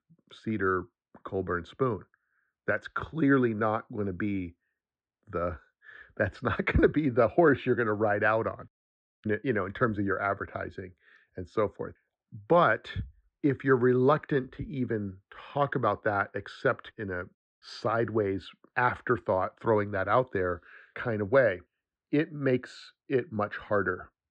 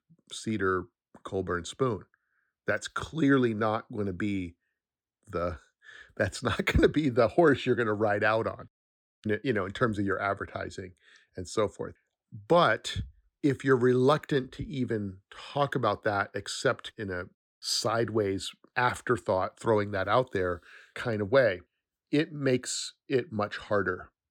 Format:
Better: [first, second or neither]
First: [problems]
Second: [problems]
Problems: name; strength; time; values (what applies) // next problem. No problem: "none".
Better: second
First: muffled; very; fading above 2 kHz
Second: none